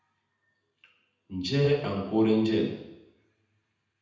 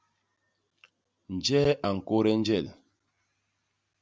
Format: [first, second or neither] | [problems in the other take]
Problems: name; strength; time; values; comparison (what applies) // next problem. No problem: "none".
second | room echo; dies away in 0.9 s